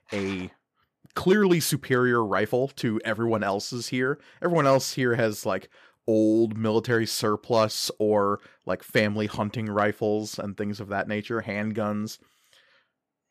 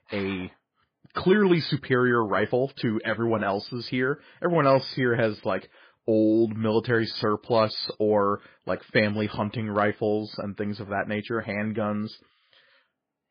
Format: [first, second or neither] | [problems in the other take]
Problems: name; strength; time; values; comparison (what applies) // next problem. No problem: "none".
first | garbled, watery; badly